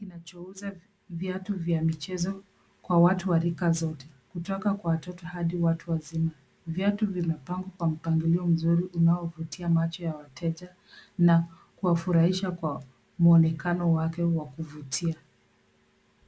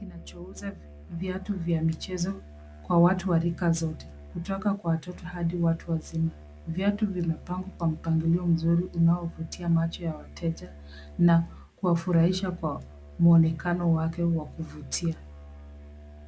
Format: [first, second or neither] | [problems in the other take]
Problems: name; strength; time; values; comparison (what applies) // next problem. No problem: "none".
first | background sound (Musical instrument); 18 dB below the speech